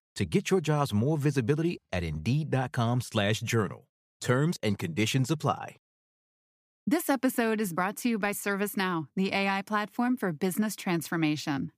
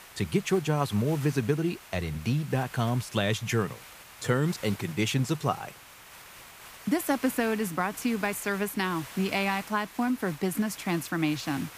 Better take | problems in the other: first | hiss; noticeable; throughout; 15 dB below the speech

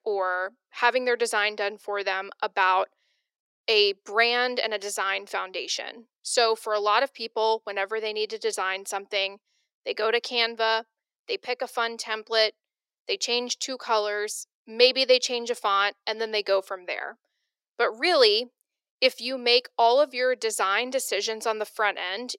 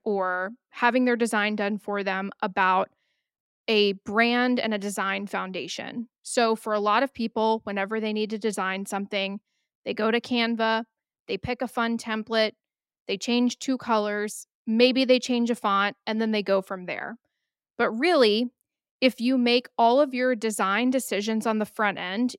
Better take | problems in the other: second | thin; very; fading below 400 Hz

